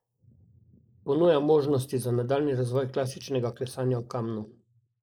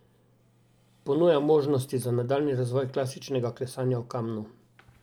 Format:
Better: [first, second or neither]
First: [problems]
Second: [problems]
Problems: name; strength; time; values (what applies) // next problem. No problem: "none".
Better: second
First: noise reduction (neural mask model Resemble Enhance denoiser)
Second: none